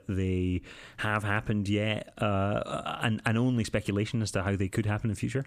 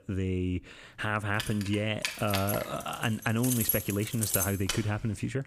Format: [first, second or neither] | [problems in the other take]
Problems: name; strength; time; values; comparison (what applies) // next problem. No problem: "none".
first | jangling keys; loud; from 1.5 to 5 s; peak 3 dB above the speech